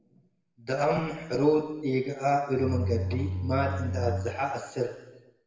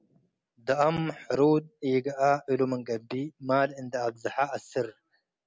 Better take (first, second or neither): second